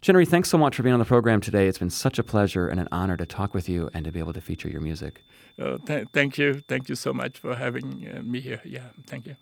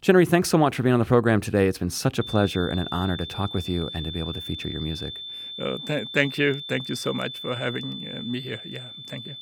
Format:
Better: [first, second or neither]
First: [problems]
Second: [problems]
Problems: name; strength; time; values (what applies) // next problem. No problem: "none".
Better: first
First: high-pitched whine; faint; from 2 s on; 3.5 kHz, 35 dB below the speech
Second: high-pitched whine; loud; from 2 s on; 3.5 kHz, 9 dB below the speech